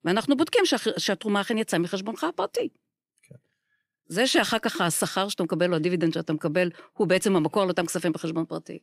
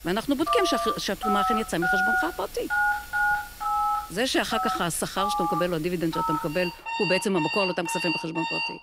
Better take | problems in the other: first | alarms or sirens; very loud; throughout; 1 dB above the speech

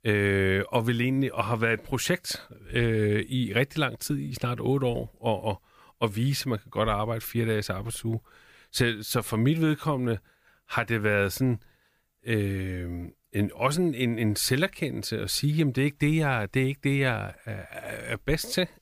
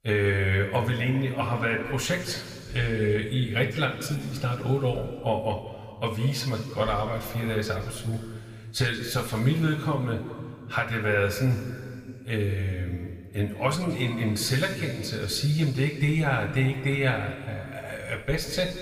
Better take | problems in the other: first | room echo; slight; dies away in 2.2 s // off-mic speech; somewhat distant

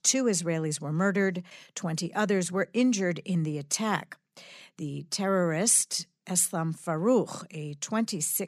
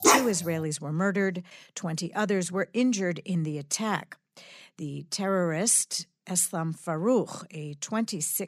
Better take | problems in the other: first | dog barking; loud; at the start; peak 6 dB above the speech

